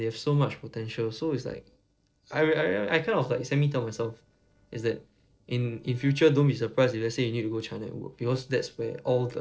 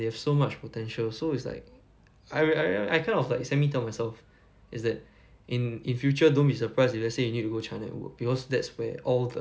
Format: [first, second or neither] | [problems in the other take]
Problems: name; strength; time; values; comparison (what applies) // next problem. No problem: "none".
second | noise reduction (neural separator model SepFormer DNS4)